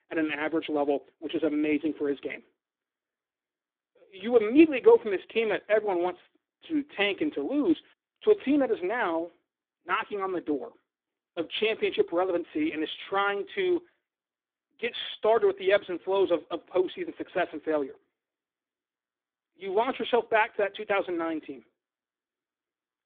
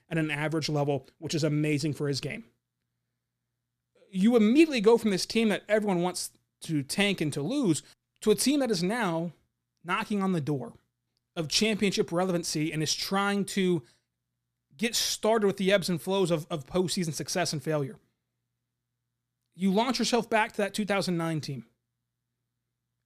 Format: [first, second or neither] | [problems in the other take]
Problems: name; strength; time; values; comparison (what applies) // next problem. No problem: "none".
second | phone-call audio; poor line; nothing above 3.5 kHz